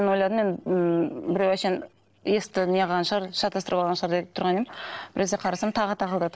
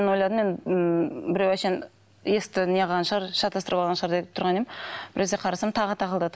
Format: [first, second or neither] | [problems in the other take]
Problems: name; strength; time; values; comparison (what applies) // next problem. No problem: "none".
second | noise reduction (neural separator model SepFormer DNS4)